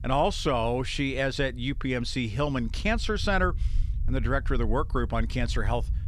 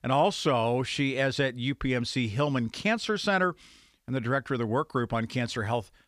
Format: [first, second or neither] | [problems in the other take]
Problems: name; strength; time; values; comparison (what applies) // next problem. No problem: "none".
second | low rumble; faint; throughout; 25 dB below the speech